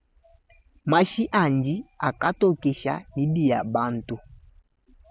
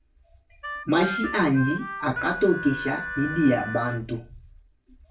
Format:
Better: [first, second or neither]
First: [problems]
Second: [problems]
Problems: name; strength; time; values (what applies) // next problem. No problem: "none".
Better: first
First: none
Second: background sound (Harmonica); 7 dB below the speech // room echo; dies away in 0.3 s